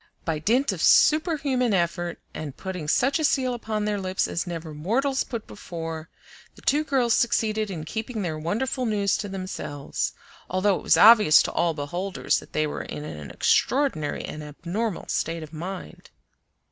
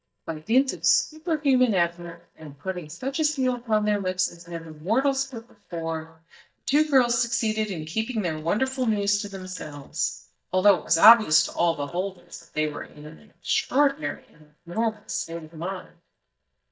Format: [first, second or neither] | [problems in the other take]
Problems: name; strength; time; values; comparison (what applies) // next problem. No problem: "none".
first | noise reduction (neural mask model DeepFilterNet 3)